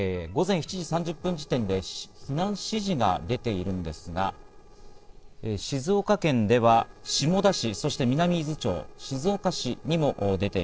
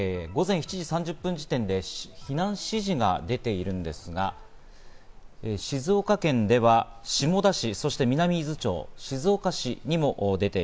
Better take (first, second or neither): second